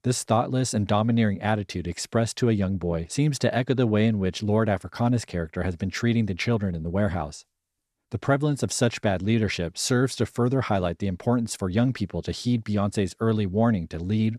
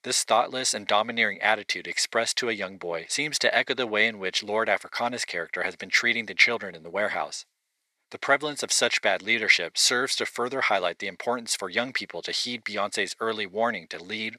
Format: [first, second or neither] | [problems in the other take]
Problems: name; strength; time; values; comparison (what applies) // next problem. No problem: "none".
first | thin; very; fading below 600 Hz